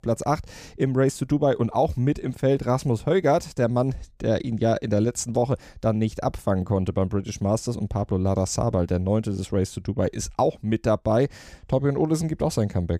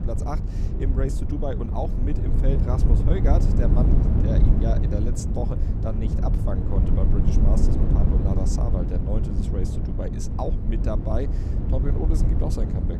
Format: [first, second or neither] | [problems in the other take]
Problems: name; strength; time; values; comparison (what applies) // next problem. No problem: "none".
first | low rumble; loud; throughout; 2 dB below the speech